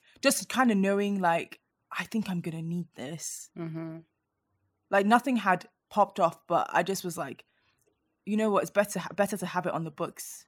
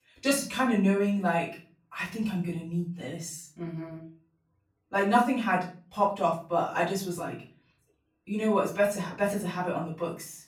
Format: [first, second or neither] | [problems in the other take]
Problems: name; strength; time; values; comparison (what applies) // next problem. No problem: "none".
first | off-mic speech; far // room echo; slight; dies away in 0.4 s